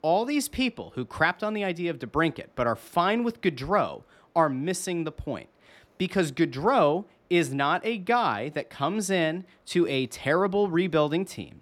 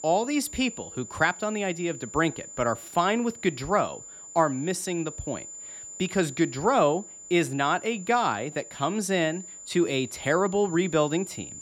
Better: first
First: none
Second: high-pitched whine; noticeable; throughout; 7 kHz, 15 dB below the speech

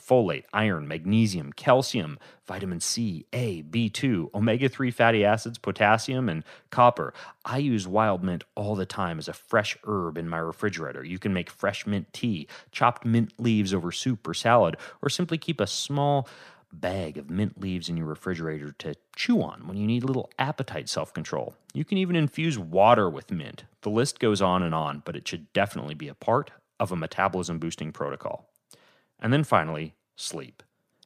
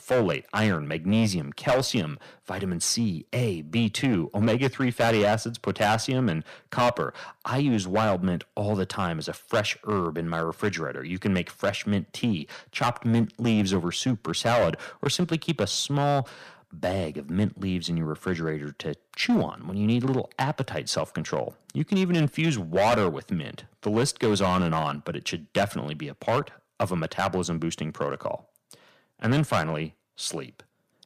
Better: first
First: none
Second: distortion; heavy; 5% of the sound clipped

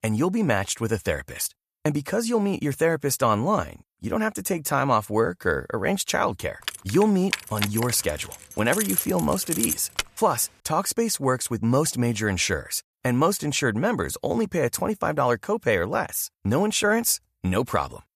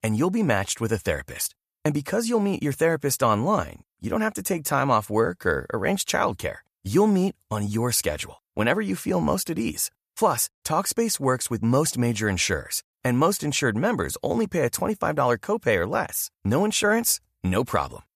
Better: second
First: jangling keys; noticeable; from 6.5 to 10 s; peak level with the speech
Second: none

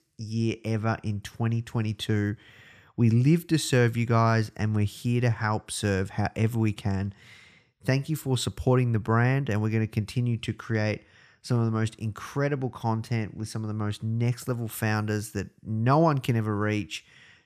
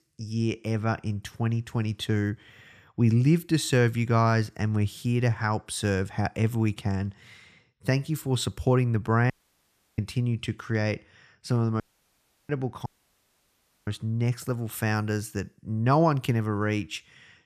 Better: first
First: none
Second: audio cutting out; at 9.5 s for 0.5 s, at 12 s for 0.5 s and at 13 s for 1 s

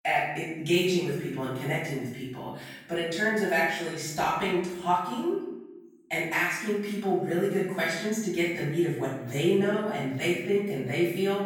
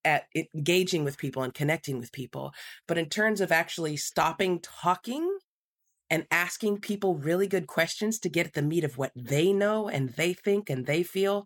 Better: second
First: off-mic speech; far // room echo; noticeable; dies away in 0.9 s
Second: none

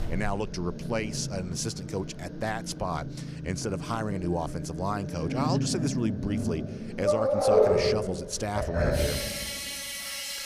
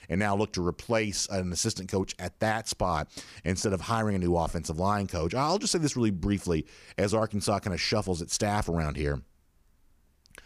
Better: second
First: animal sounds; very loud; throughout; 2 dB above the speech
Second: none

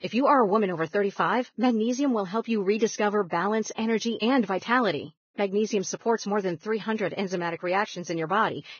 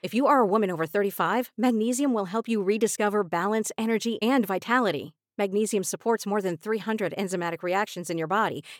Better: second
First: garbled, watery; badly; nothing above 6.5 kHz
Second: none

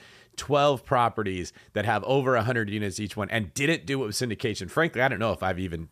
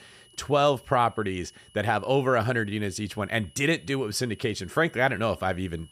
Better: first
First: none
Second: high-pitched whine; faint; throughout; 3 kHz, 30 dB below the speech

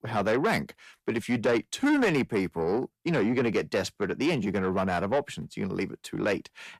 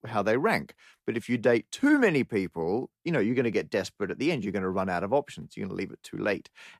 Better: second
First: distortion; slight; 10 dB below the speech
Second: none

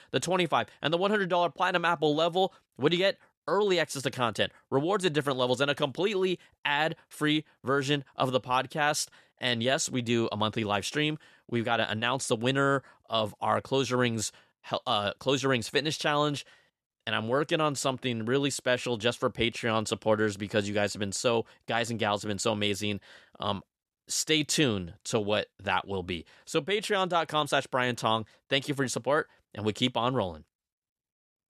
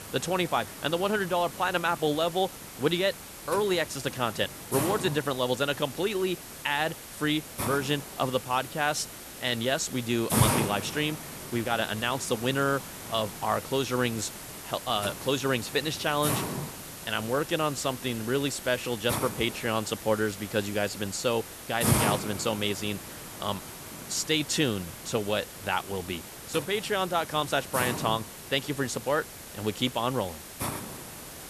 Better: first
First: none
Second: hiss; loud; throughout; 7 dB below the speech

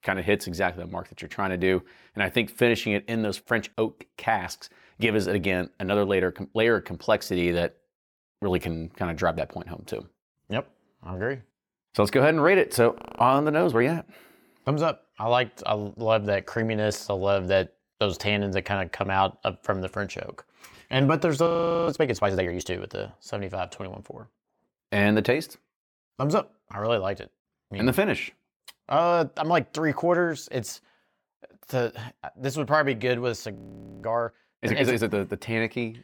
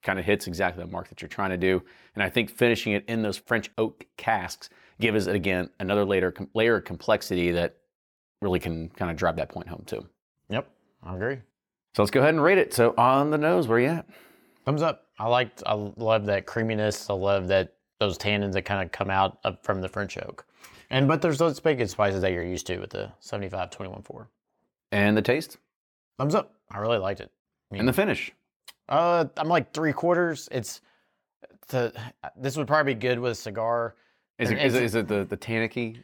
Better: second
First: audio freezing; at 13 s, at 21 s and at 34 s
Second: none

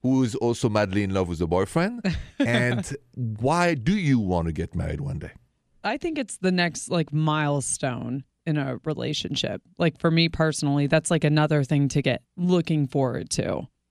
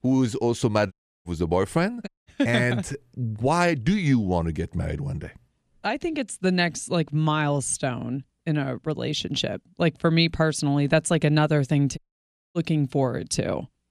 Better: first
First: none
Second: audio cutting out; at 1 s, at 2 s and at 12 s for 0.5 s

